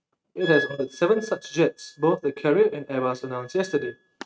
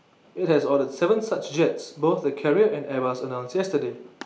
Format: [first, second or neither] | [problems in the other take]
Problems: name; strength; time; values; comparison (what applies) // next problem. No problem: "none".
second | noise reduction (neural mask model RNNoise)